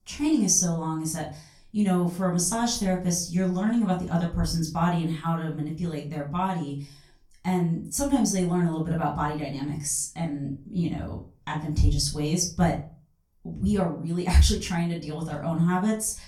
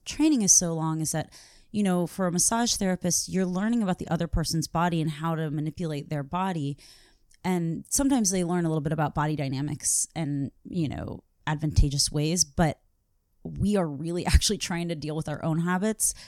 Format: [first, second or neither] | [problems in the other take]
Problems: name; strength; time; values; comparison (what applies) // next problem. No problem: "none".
second | off-mic speech; far // room echo; slight; dies away in 0.3 s